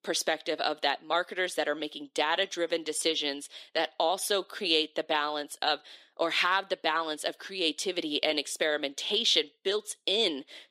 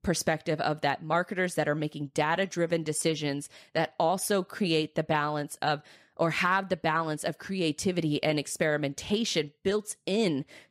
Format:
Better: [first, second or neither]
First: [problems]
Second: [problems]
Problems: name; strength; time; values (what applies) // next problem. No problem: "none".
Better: second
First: thin; somewhat; fading below 300 Hz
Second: none